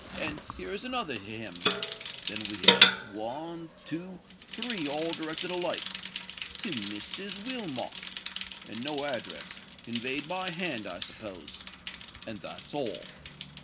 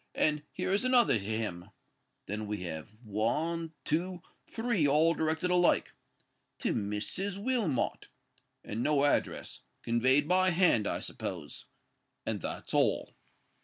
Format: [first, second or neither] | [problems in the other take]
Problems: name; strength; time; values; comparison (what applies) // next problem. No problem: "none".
second | background sound (Bicycle); 3 dB above the speech